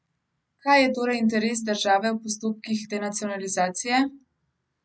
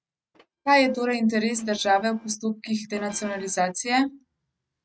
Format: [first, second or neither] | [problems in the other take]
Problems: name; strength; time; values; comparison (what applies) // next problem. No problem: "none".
first | noise reduction (neural mask model RNNoise)